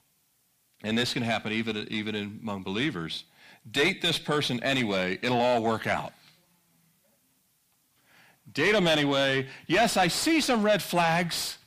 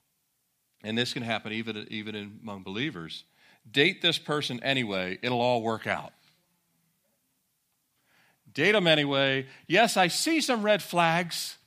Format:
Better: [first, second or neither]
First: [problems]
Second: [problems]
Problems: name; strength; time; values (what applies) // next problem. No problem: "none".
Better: second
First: distortion; heavy; 8 dB below the speech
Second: none